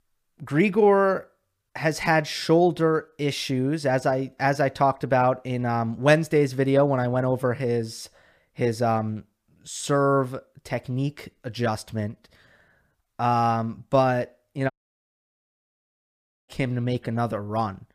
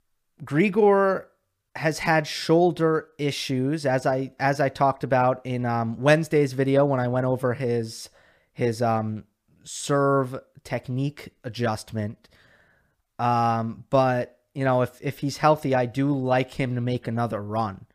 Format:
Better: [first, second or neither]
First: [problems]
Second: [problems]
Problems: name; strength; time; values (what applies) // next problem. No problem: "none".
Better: second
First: audio cutting out; at 15 s for 2 s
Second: none